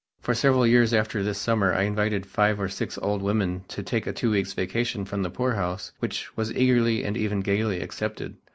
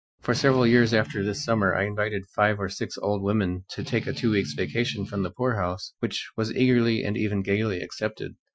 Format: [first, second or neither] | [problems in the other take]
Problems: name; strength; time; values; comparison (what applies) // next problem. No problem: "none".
first | noise reduction (classical method Wiener filter)